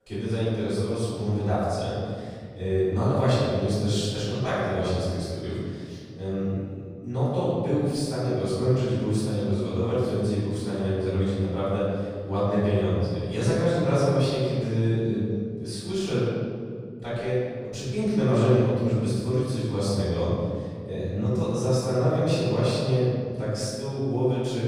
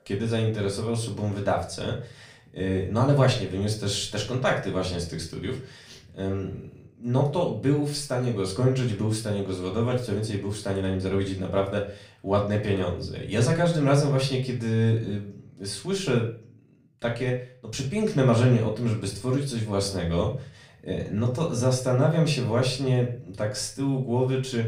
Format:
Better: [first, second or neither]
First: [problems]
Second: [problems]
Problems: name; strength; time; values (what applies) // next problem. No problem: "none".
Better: second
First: room echo; strong; dies away in 2.2 s // off-mic speech; far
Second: room echo; slight; dies away in 0.4 s // off-mic speech; far